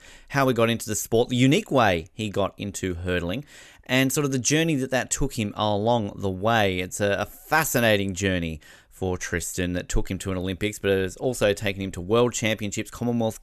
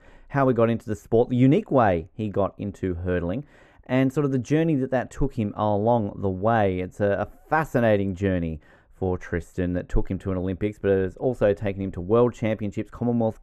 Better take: first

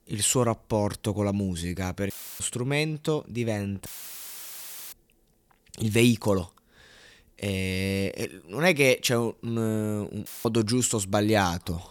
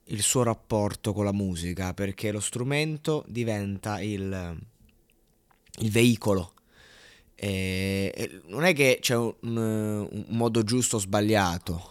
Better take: second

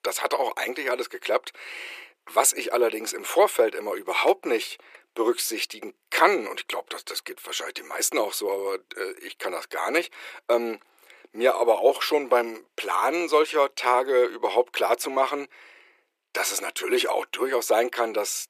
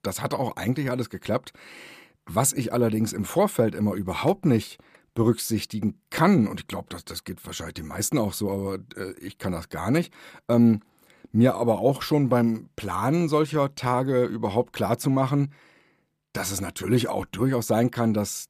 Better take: second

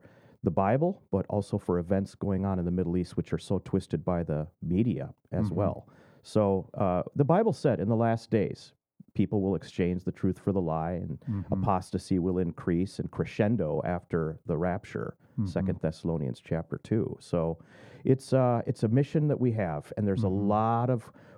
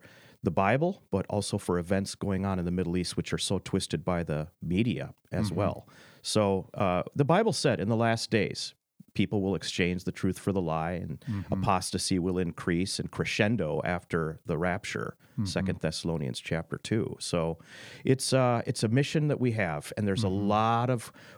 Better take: second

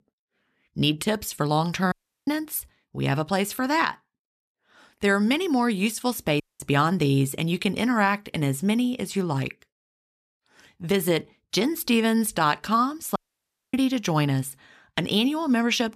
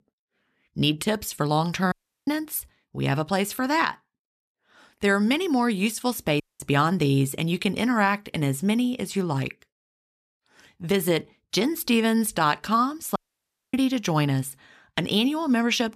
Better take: neither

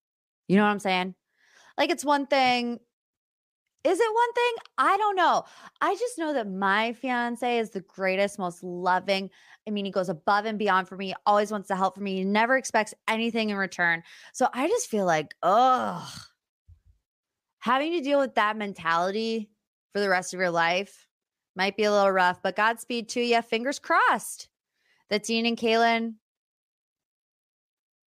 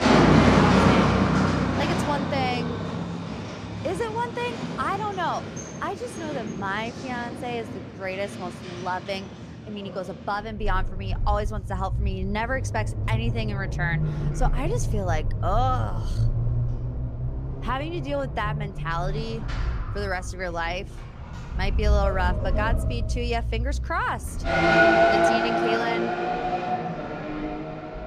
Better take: first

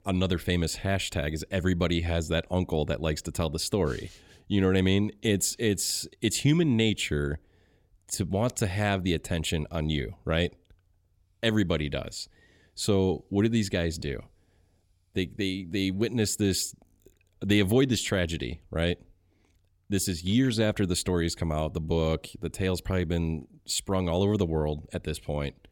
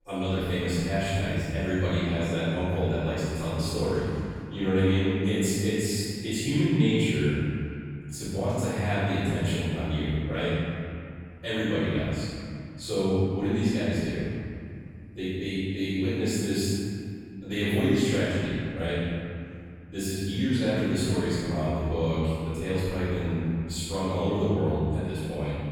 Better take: first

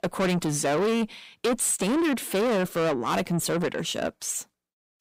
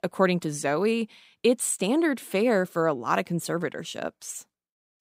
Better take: second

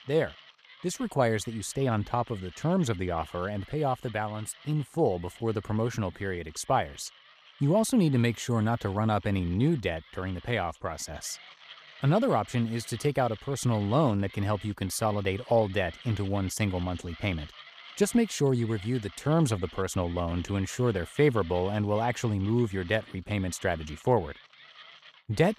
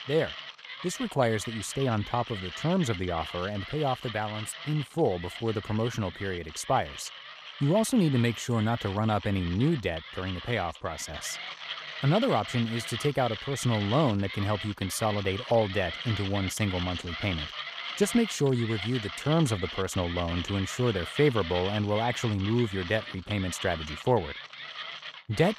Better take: first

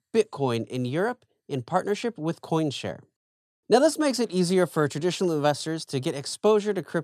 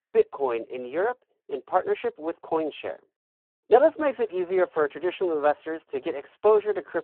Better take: first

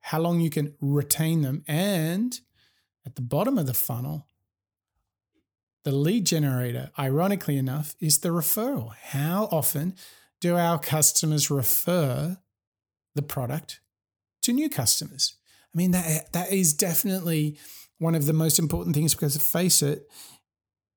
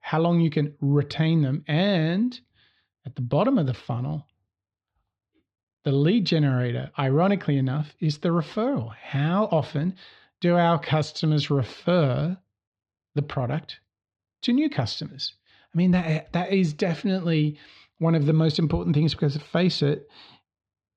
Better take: first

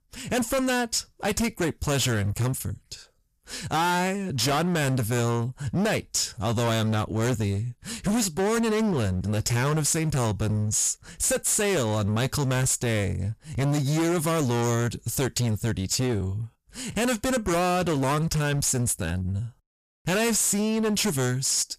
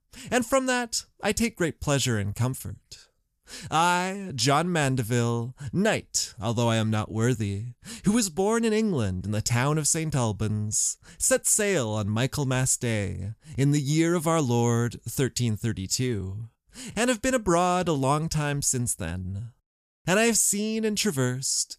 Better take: second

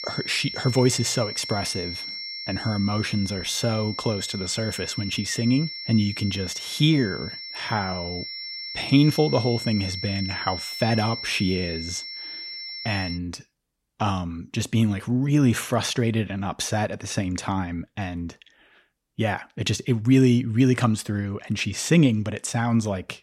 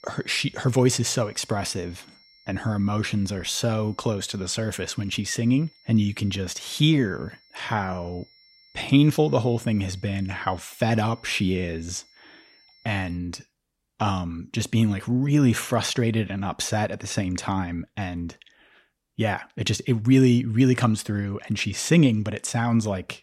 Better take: second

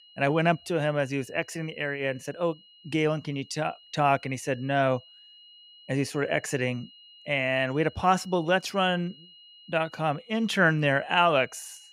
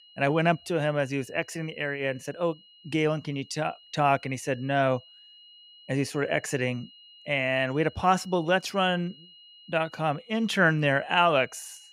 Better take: neither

